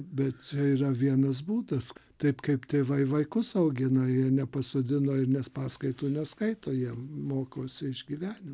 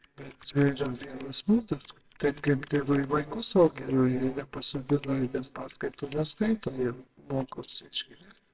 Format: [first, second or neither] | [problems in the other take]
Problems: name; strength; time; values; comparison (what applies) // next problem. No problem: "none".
first | noise reduction (neural separator model SepFormer WHAMR!)